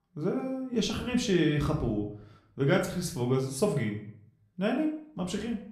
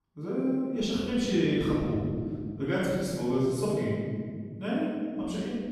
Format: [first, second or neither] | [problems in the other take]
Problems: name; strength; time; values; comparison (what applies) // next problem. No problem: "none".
first | room echo; strong; dies away in 2 s; slight in the first // off-mic speech; far; somewhat distant in the first